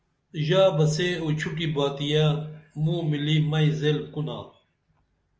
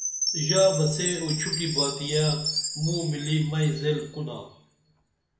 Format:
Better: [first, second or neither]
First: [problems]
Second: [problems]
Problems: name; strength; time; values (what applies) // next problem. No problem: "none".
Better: first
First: none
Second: background sound (Chime); 5 dB below the speech // room echo; dies away in 0.6 s